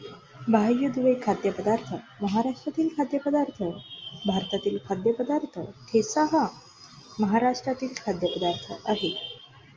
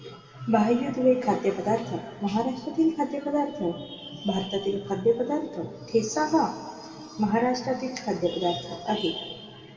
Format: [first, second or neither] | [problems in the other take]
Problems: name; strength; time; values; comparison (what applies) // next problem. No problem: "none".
first | room echo; dies away in 1.9 s